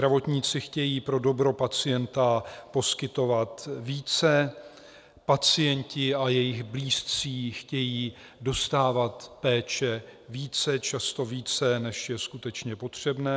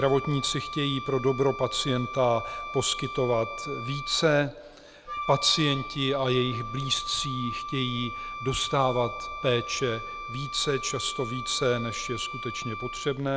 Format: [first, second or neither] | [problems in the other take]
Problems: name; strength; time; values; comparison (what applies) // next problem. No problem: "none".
first | background sound (Wind instrument, woodwind instrument); 9 dB below the speech